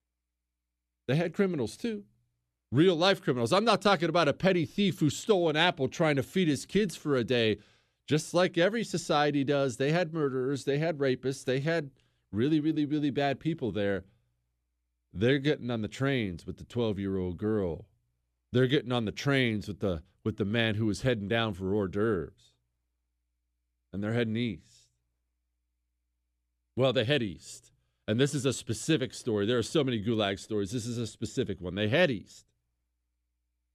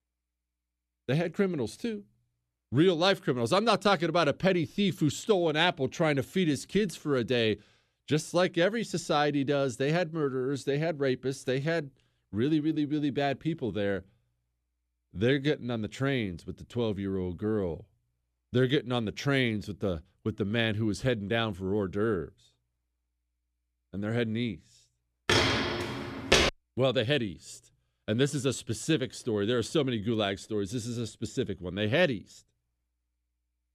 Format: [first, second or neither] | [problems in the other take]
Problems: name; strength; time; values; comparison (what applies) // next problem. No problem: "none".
first | footsteps; loud; from 25 to 27 s; peak 6 dB above the speech